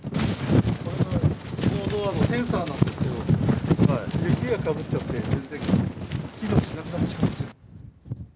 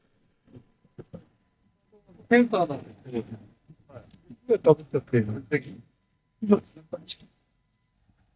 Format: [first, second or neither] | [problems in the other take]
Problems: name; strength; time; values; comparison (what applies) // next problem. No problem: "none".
first | noise reduction (neural mask model DeepFilterNet 3)